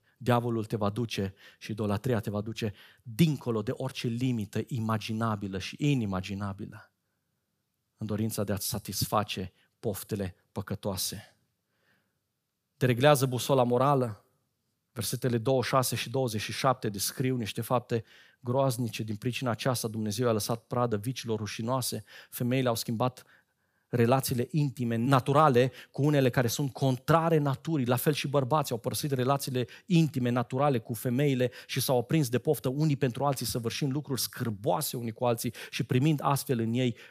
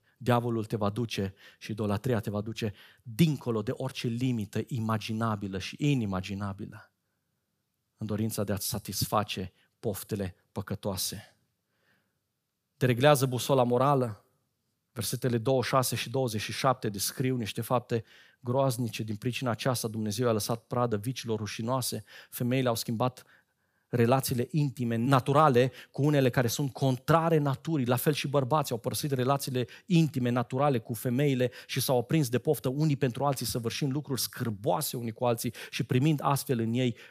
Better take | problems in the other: neither | none

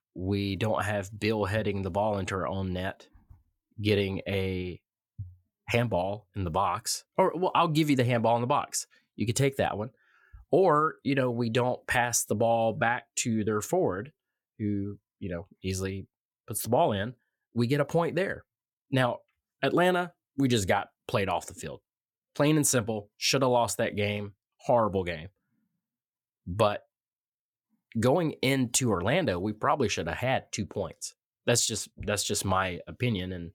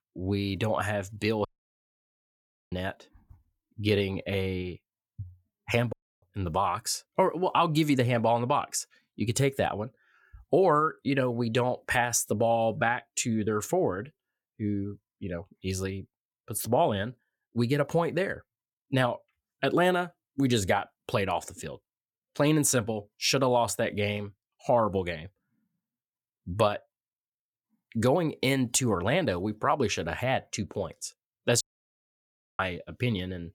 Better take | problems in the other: first | audio cutting out; at 1.5 s for 1.5 s, at 6 s and at 32 s for 1 s

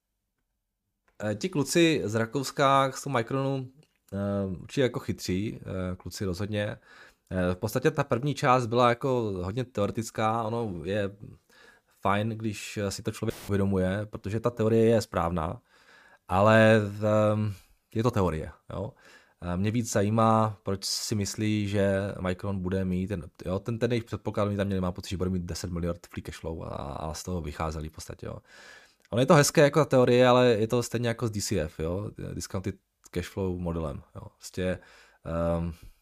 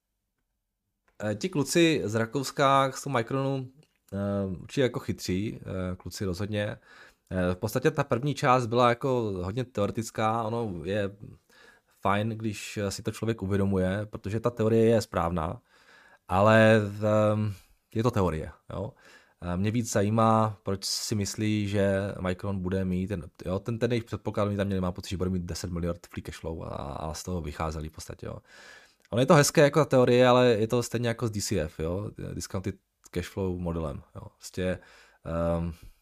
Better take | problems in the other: second | audio cutting out; filled with static; at 13 s

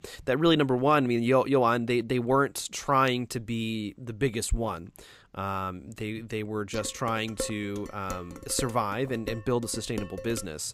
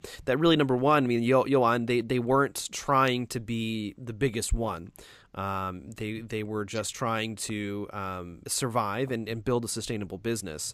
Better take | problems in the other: second | clattering dishes; noticeable; from 6.5 s on; peak 10 dB below the speech

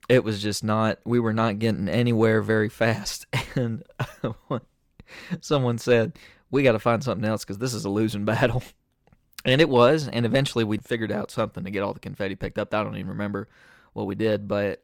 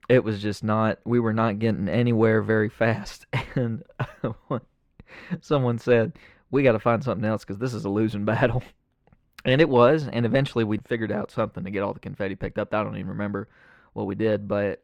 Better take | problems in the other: first | muffled; slightly; fading above 4 kHz

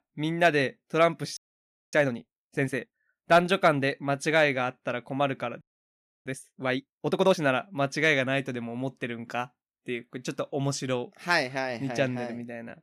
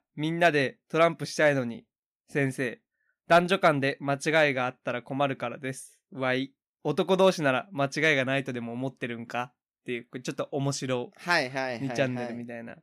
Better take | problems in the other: second | audio freezing; at 1.5 s for 0.5 s and at 5.5 s for 0.5 s

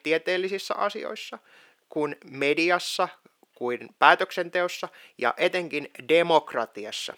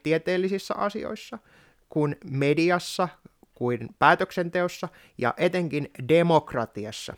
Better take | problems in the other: second | thin; somewhat; fading below 350 Hz

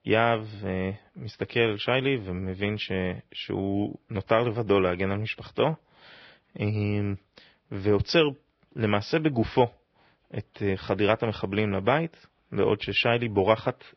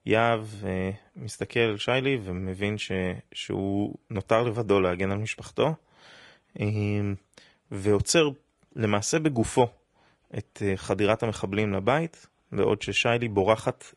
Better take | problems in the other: second | garbled, watery; badly; nothing above 5.5 kHz; slightly in the second

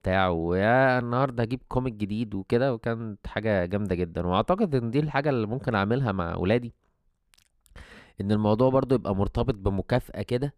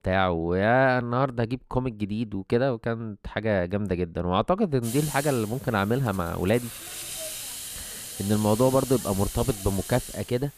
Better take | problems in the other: first | hiss; loud; from 5 s on; 9 dB below the speech

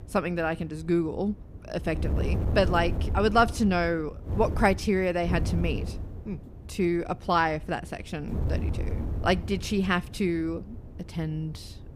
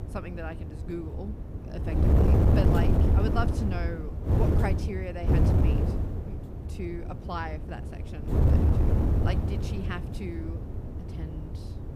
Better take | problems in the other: first | wind noise on the microphone; heavy; 3 dB above the speech; occasional gusts in the first

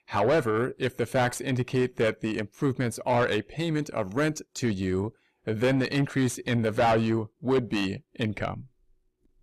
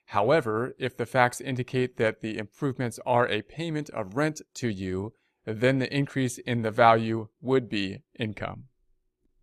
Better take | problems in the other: second | distortion; heavy; 7 dB below the speech

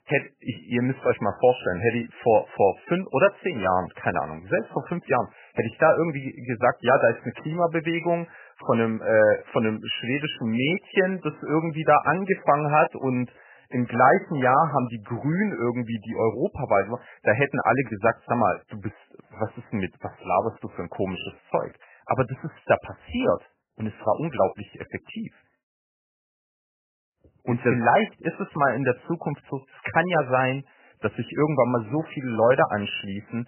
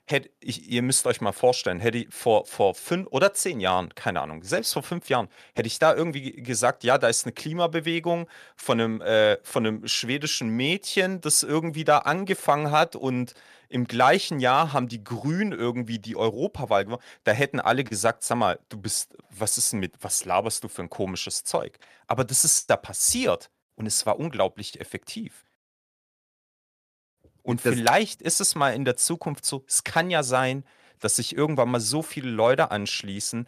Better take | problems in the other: second | garbled, watery; badly; nothing above 3 kHz

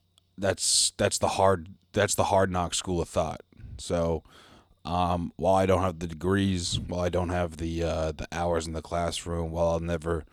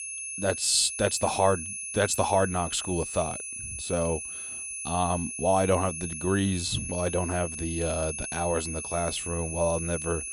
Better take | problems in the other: first | high-pitched whine; loud; throughout; 10 kHz, 6 dB below the speech

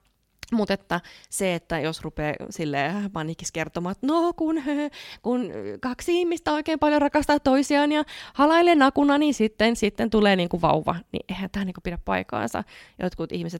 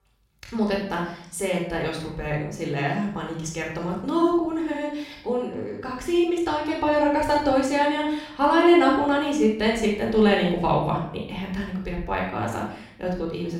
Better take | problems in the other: first | off-mic speech; somewhat distant // room echo; noticeable; dies away in 0.6 s

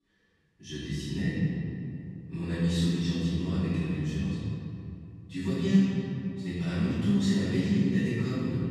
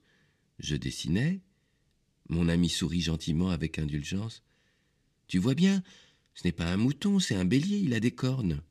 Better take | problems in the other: second | off-mic speech; far // room echo; strong; dies away in 2.9 s

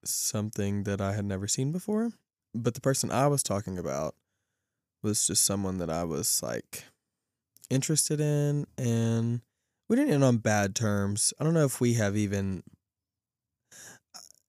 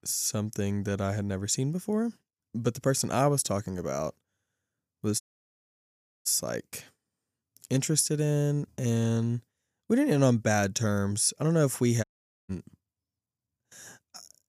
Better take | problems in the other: first | audio cutting out; at 5 s for 1 s and at 12 s

